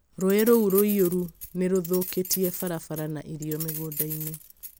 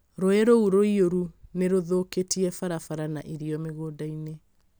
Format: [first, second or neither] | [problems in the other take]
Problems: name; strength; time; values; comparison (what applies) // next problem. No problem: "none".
second | background sound (Keys jangling); 10 dB below the speech